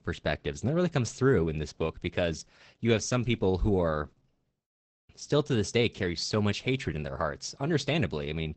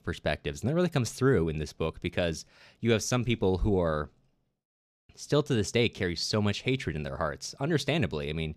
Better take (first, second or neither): second